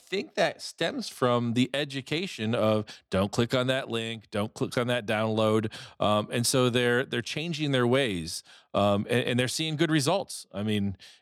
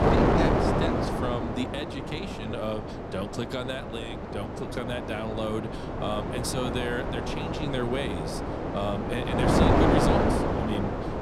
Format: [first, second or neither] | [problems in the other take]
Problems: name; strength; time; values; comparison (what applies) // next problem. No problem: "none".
first | wind noise on the microphone; heavy; 4 dB above the speech